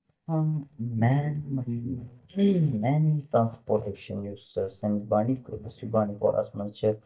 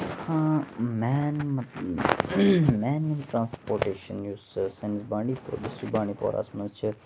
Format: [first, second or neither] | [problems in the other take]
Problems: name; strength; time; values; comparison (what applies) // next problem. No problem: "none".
second | noise reduction (neural mask model DeepFilterNet 3)